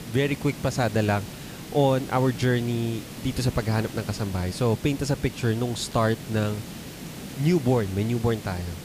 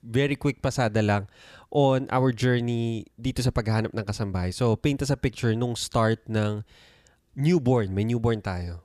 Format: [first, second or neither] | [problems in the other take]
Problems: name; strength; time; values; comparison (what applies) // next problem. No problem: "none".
second | hiss; noticeable; throughout; 10 dB below the speech